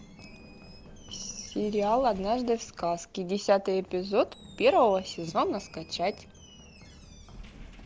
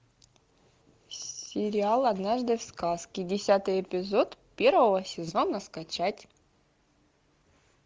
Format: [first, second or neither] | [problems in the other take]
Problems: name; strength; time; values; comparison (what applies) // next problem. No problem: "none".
second | background sound (Squeak + Run); 19 dB below the speech